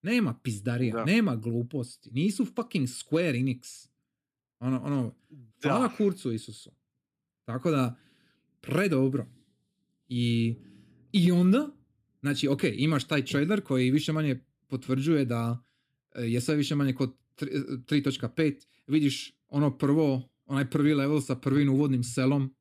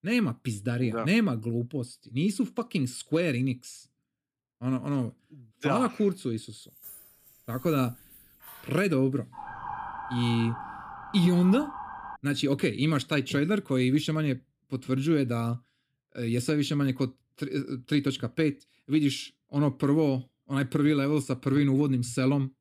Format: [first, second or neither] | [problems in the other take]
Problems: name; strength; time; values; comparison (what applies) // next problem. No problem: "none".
first | jangling keys; faint; from 6.5 to 8.5 s; peak 15 dB below the speech // siren; noticeable; from 9.5 to 12 s; peak 9 dB below the speech